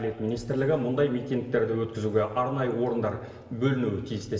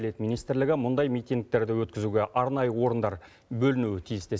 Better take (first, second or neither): second